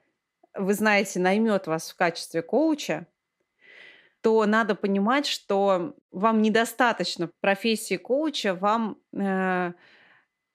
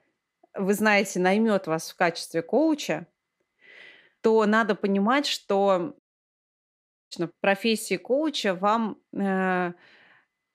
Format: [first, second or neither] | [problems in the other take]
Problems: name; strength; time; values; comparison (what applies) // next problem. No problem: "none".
first | audio cutting out; at 6 s for 1 s